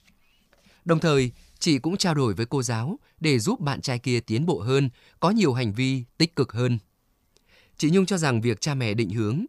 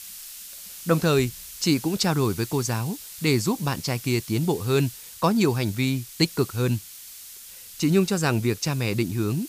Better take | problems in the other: first | hiss; noticeable; throughout; 15 dB below the speech

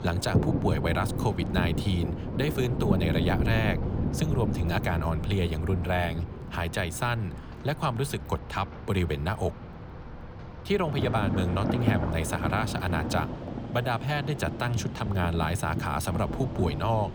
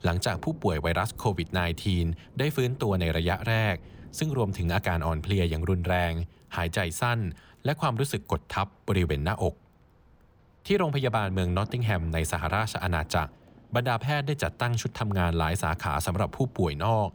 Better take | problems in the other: second | rain or running water; loud; throughout; 3 dB below the speech; faint in the second

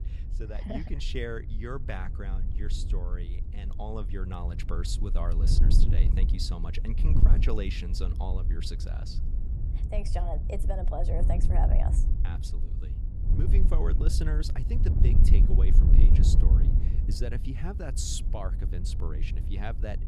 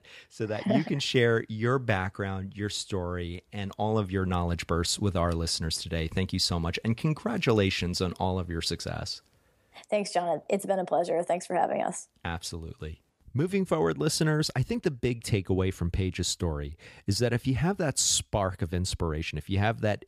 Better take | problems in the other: second | wind noise on the microphone; heavy; 6 dB below the speech

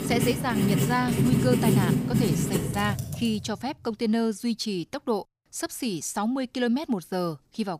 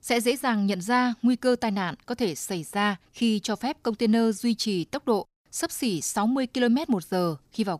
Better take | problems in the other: second | household noises; very loud; until 3 s; 3 dB above the speech

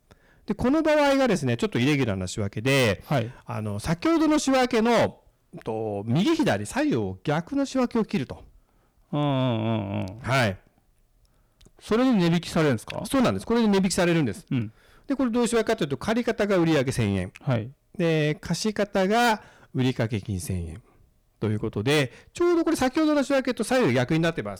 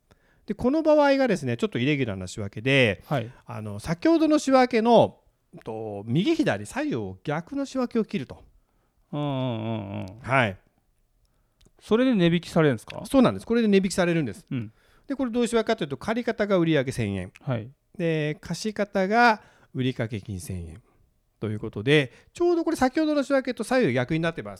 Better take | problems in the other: second | distortion; heavy; 14% of the sound clipped

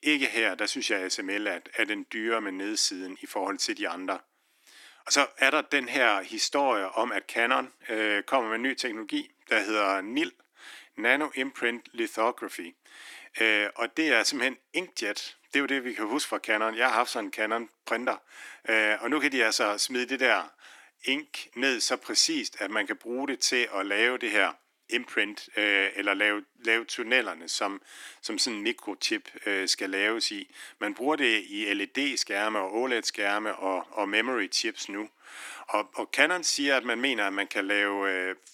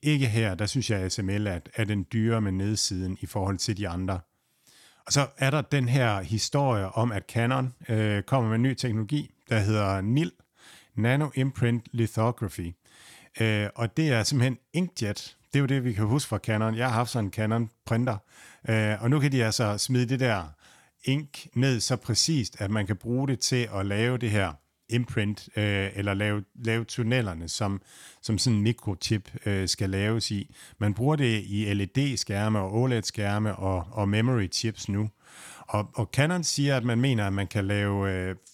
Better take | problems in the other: second | thin; very; fading below 300 Hz

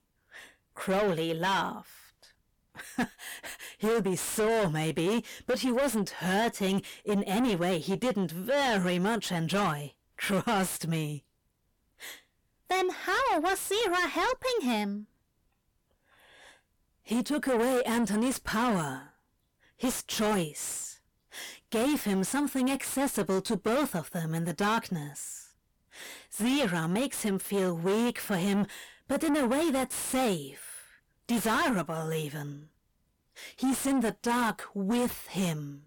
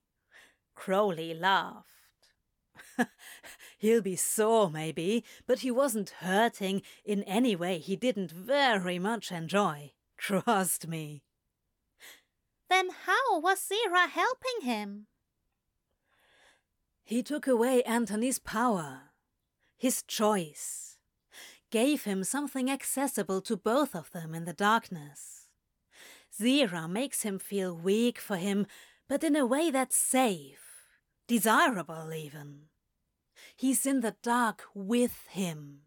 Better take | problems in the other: second | distortion; heavy; 6 dB below the speech

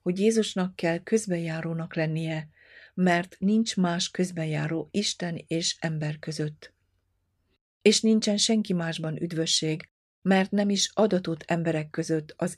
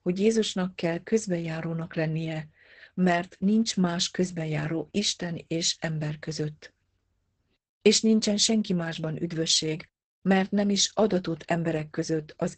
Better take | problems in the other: first | garbled, watery; badly; nothing above 8 kHz

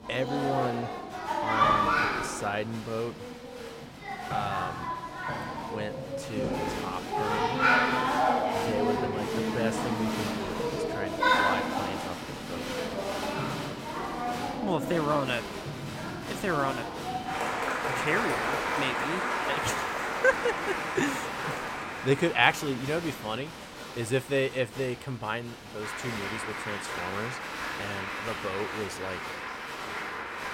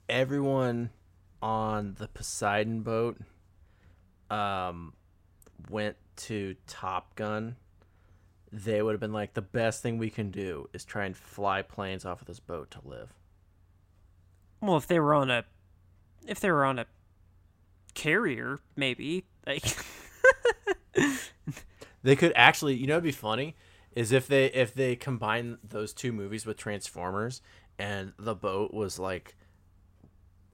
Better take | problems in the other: second | crowd noise; very loud; throughout; 2 dB above the speech

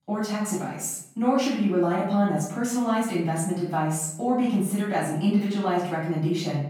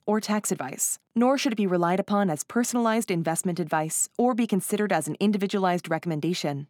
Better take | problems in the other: second | off-mic speech; far // room echo; noticeable; dies away in 0.6 s

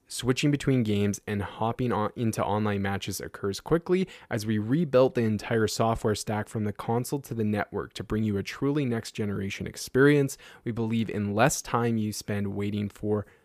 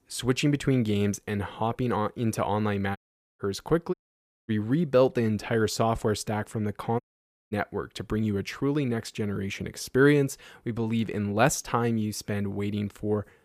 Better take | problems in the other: first | audio cutting out; at 3 s, at 4 s for 0.5 s and at 7 s for 0.5 s

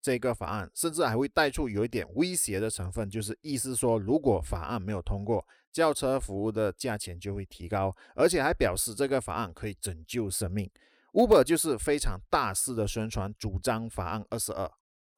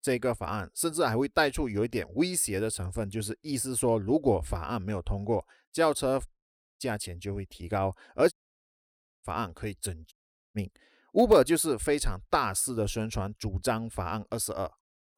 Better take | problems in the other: first | audio cutting out; at 6.5 s for 0.5 s, at 8.5 s for 1 s and at 10 s

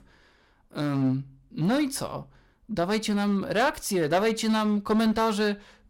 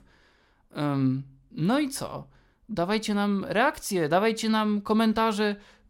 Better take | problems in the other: second | distortion; slight; 5% of the sound clipped

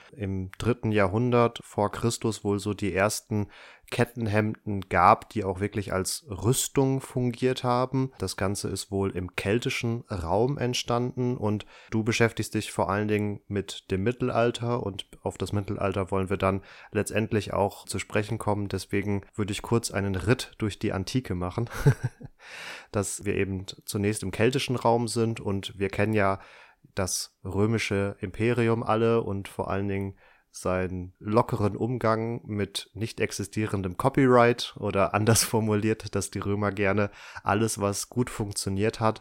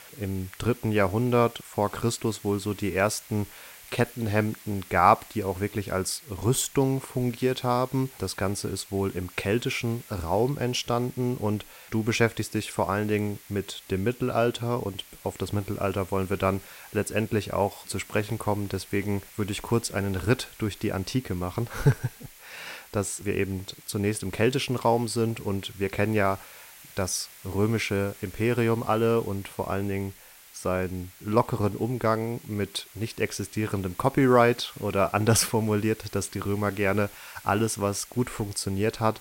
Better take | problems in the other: first | hiss; noticeable; throughout; 20 dB below the speech

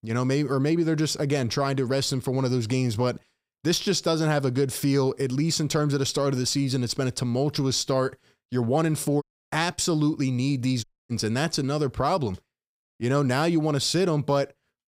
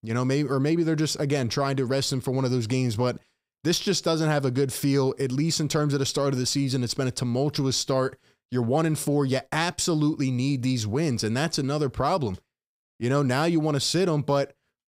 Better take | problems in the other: second | audio cutting out; at 9 s and at 11 s

